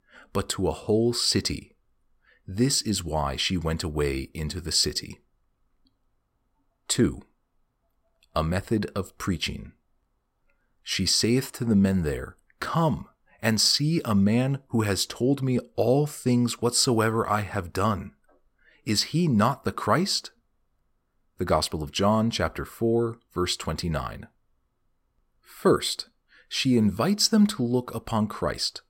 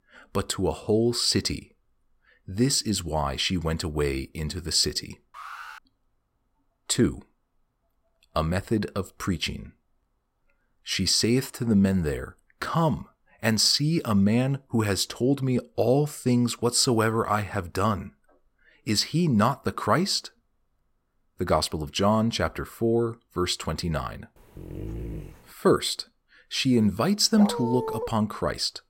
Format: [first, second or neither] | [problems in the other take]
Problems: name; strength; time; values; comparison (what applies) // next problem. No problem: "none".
first | alarm; faint; at 5.5 s; peak 15 dB below the speech // dog barking; faint; at 24 s; peak 10 dB below the speech // dog barking; noticeable; at 27 s; peak 6 dB below the speech